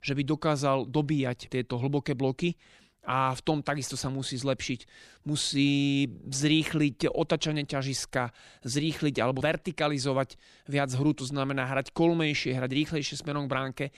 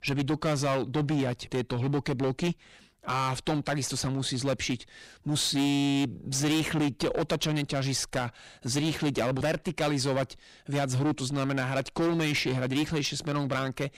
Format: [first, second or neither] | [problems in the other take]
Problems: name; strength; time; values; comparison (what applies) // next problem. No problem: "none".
first | distortion; heavy; 14% of the sound clipped